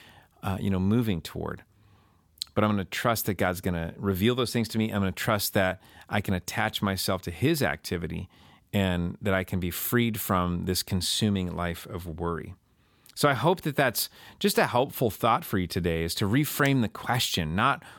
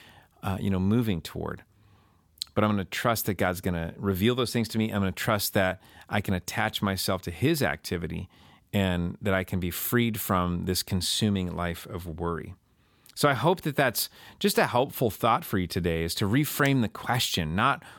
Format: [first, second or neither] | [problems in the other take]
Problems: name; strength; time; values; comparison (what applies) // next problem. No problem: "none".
neither | none